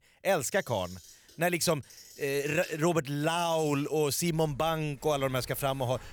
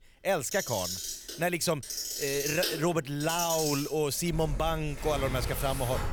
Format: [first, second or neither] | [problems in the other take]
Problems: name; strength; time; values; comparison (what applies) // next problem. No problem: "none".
first | household noises; loud; throughout; 4 dB below the speech; faint in the first